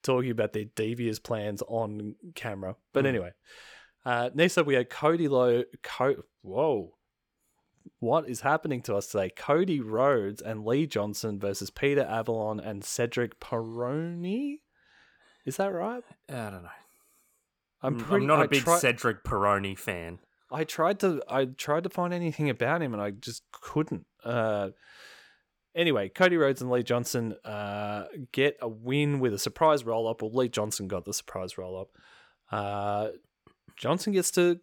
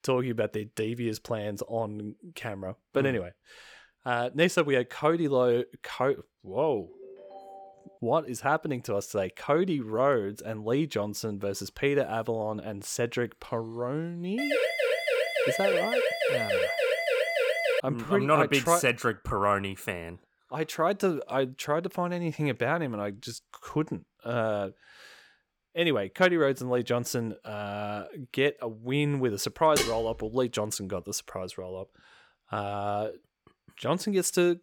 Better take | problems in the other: first | phone ringing; faint; from 7 to 8 s; peak 15 dB below the speech // siren; loud; from 14 to 18 s; peak 3 dB above the speech // clattering dishes; noticeable; at 30 s; peak level with the speech

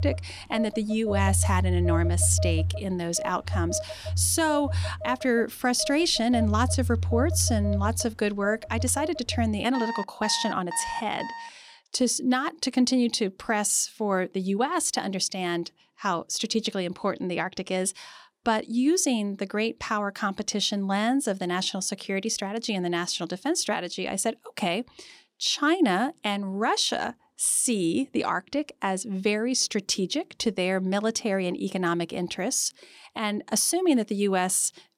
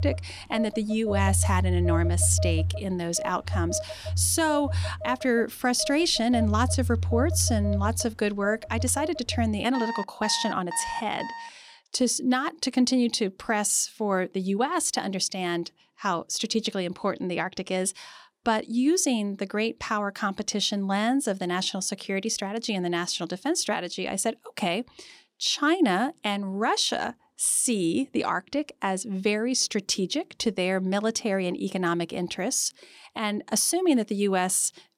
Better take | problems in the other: neither | alarms or sirens; loud; until 11 s; 4 dB below the speech; the same in both

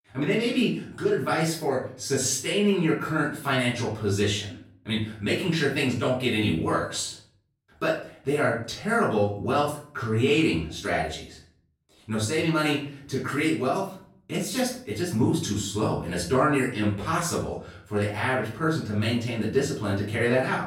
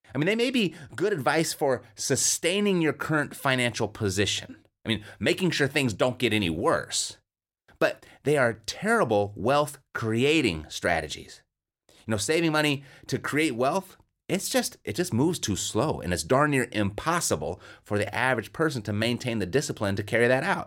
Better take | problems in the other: second | off-mic speech; far // room echo; noticeable; dies away in 0.4 s

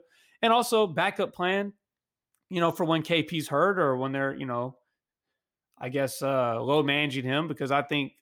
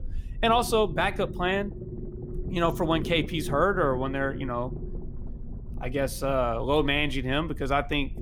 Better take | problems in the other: first | low rumble; noticeable; throughout; 20 dB below the speech

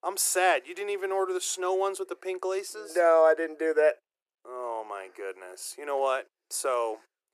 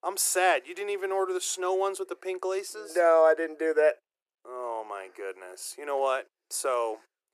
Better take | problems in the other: neither | thin; very; fading below 350 Hz; the same in both

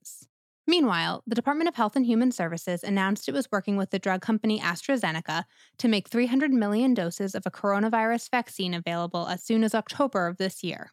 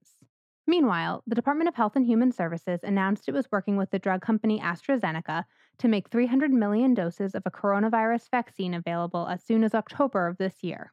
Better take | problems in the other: first | muffled; slightly; fading above 3.5 kHz

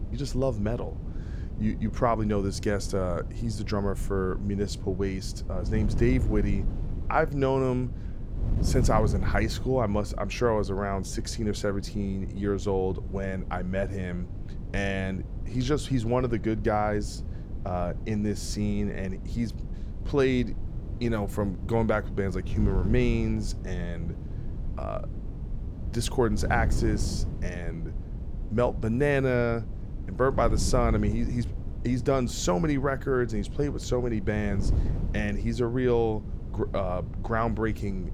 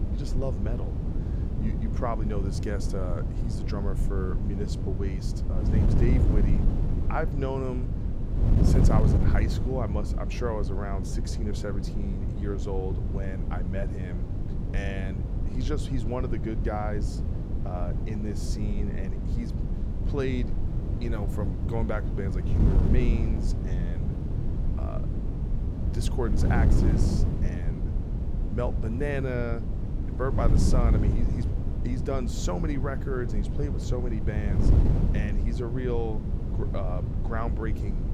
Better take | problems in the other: first | wind noise on the microphone; heavy; 4 dB below the speech; occasional gusts in the first

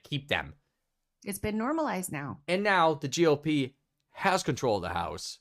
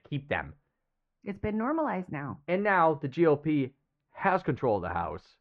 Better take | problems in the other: first | muffled; very; fading above 2 kHz

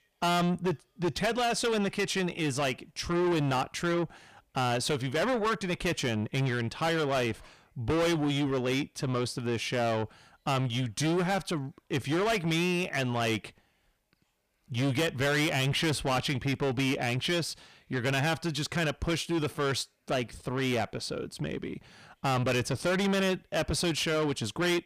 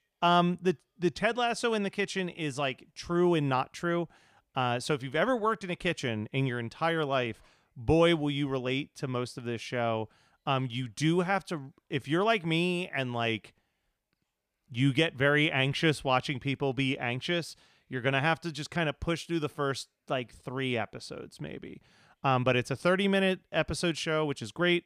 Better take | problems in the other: second | distortion; heavy; 6 dB below the speech

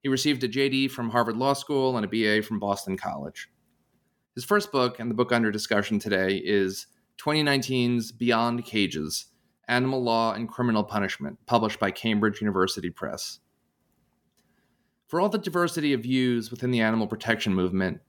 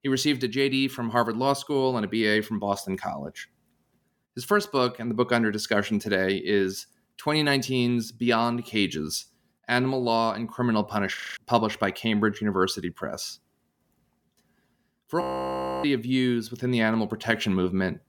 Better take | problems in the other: first | audio freezing; at 11 s and at 15 s for 0.5 s

